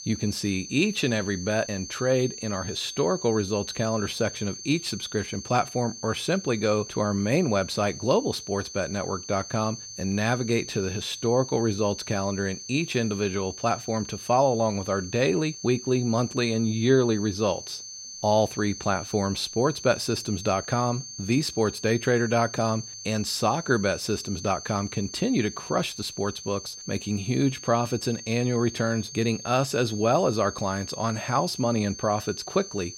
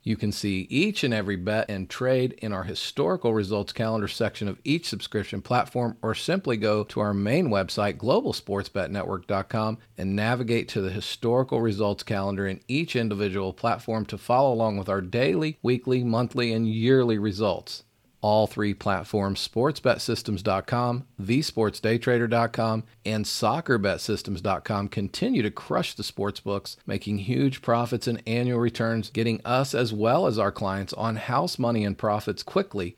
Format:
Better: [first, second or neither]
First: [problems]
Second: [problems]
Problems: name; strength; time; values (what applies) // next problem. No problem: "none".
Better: second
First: high-pitched whine; noticeable; throughout; 6 kHz, 10 dB below the speech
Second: none